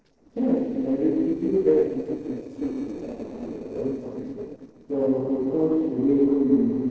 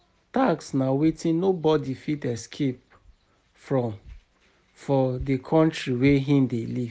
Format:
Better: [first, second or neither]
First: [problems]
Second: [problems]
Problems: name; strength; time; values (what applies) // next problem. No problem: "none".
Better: second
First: noise reduction (neural separator model SepFormer DNS4)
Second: none